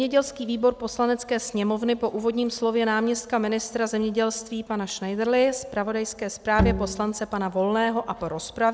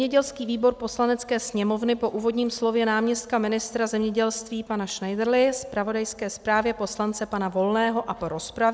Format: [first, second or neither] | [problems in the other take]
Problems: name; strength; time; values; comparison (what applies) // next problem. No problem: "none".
second | background sound (Bowed string instrument); 3 dB below the speech